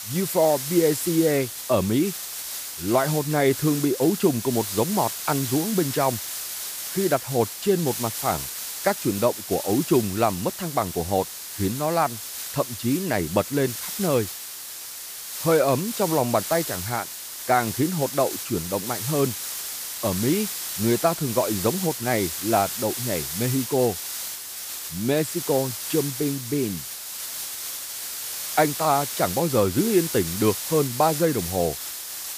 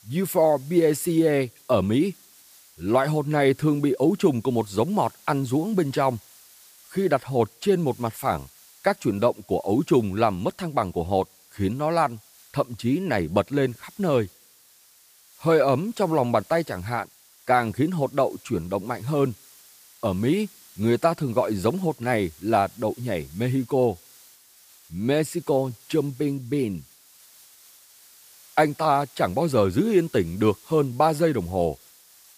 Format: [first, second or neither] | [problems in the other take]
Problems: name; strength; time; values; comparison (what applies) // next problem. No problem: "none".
second | hiss; loud; throughout; 6 dB below the speech; faint in the second